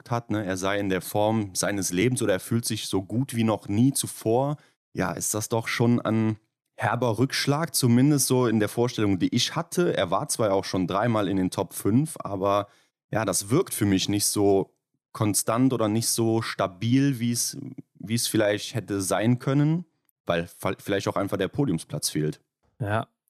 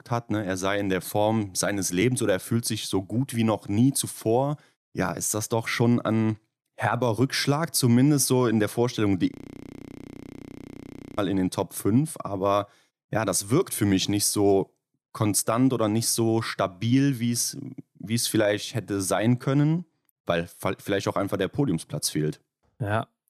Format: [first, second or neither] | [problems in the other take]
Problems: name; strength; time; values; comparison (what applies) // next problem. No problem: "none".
first | audio freezing; at 9.5 s for 2 s